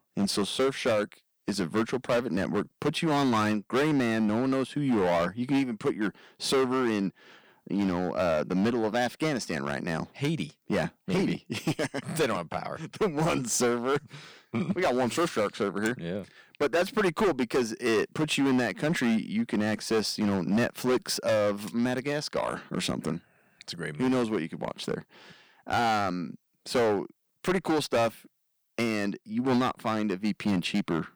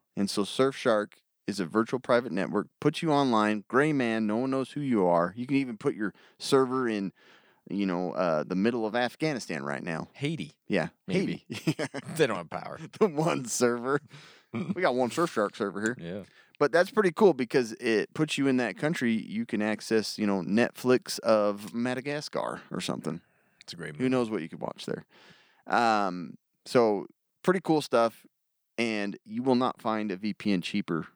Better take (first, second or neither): second